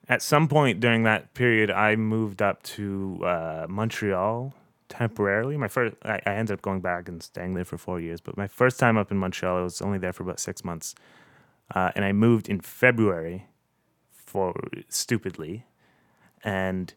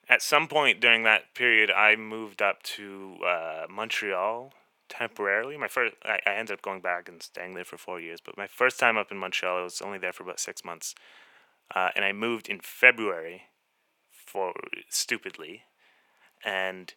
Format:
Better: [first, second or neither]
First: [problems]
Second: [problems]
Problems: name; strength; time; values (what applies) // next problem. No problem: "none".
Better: first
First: none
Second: thin; very; fading below 500 Hz